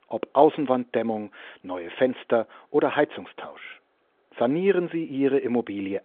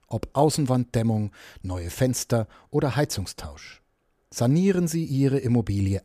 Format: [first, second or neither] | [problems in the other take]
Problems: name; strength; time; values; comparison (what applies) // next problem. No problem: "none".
second | phone-call audio; nothing above 3.5 kHz